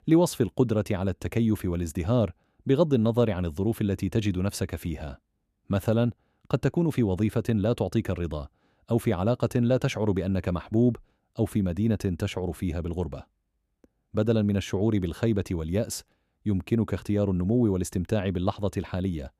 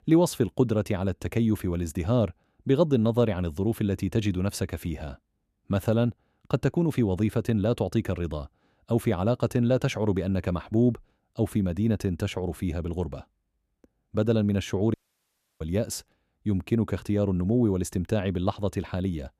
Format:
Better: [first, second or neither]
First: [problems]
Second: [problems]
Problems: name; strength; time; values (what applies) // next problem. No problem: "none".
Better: first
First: none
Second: audio cutting out; at 15 s for 0.5 s